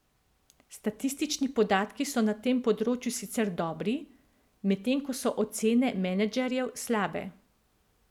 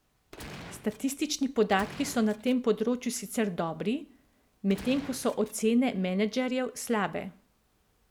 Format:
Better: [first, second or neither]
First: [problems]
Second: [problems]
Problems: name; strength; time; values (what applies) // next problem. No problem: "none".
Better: first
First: none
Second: background sound (Gunshot, gunfire); 16 dB below the speech